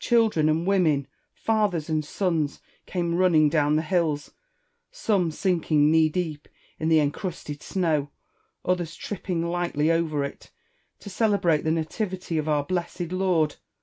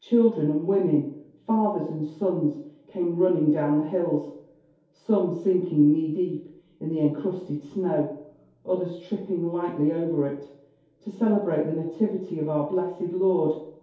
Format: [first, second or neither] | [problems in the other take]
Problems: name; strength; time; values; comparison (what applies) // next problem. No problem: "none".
first | room echo; dies away in 2.4 s